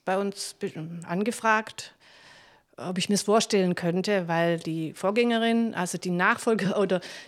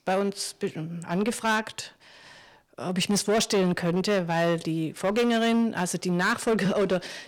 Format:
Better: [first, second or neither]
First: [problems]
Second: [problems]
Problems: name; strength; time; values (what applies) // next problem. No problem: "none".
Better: first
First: none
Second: distortion; slight; 9% of the sound clipped